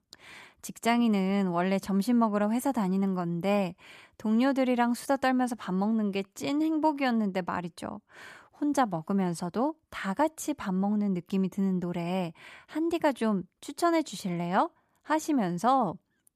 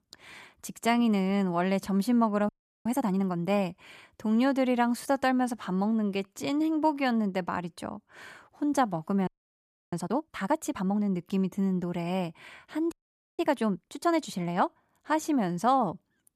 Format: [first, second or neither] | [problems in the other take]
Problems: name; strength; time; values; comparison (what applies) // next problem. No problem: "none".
first | audio freezing; at 2.5 s, at 9.5 s for 0.5 s and at 13 s